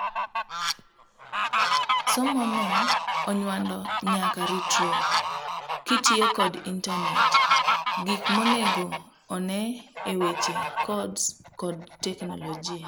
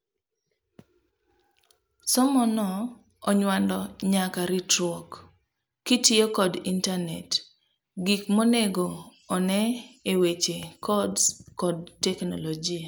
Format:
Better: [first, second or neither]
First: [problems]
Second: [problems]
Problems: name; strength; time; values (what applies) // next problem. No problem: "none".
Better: second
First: background sound (Fowl); 3 dB above the speech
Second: none